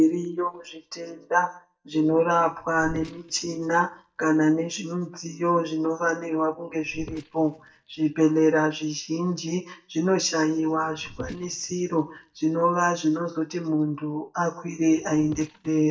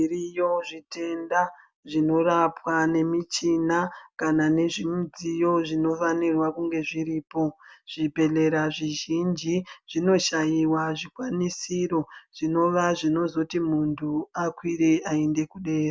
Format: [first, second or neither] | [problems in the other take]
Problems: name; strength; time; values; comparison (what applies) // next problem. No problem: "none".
second | noise reduction (neural mask model DeepFilterNet 3)